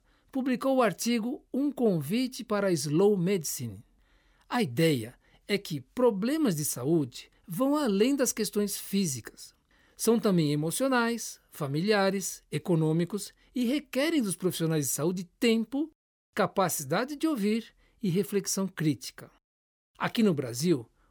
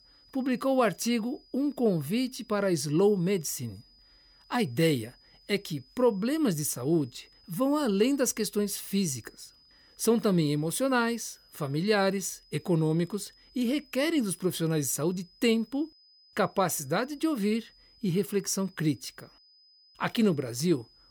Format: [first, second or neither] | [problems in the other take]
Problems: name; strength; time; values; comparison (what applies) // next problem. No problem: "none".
first | high-pitched whine; faint; throughout; 5 kHz, 30 dB below the speech